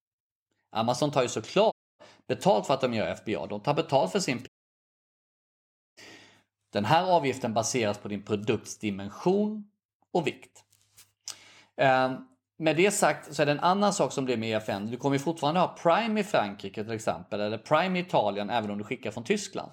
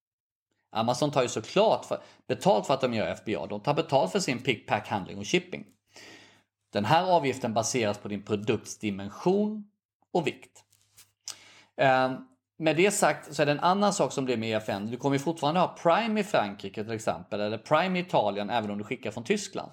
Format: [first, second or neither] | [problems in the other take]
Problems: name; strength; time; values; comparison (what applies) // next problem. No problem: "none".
second | audio cutting out; at 1.5 s and at 4.5 s for 1.5 s